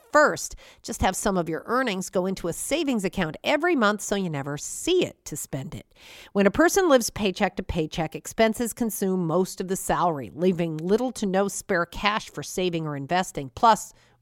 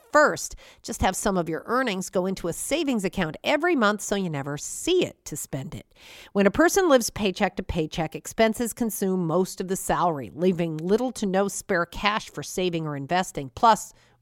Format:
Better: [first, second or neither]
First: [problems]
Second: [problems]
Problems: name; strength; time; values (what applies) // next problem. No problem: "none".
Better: neither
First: none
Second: none